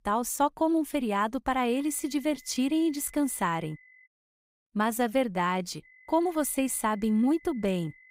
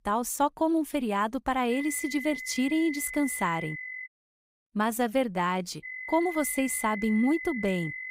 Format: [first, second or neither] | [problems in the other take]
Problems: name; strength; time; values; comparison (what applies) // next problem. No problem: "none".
first | high-pitched whine; loud; from 1.5 to 4 s and from 6 s on; 2 kHz, 8 dB below the speech; faint in the first